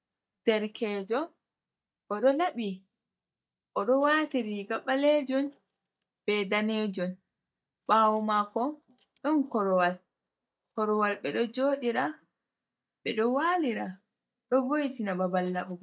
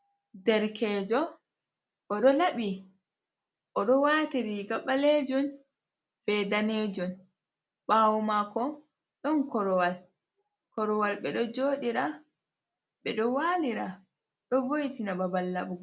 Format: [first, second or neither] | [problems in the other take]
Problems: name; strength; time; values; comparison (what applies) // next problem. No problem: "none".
second | noise reduction (neural mask model DeepFilterNet 3)